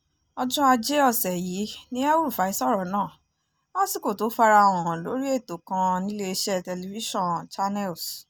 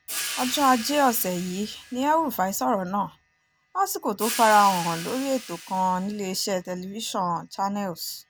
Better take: first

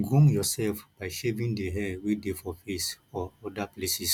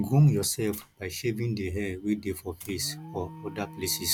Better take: first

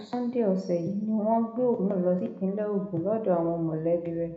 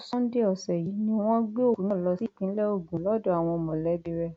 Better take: second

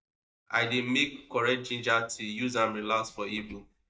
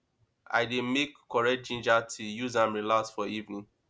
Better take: second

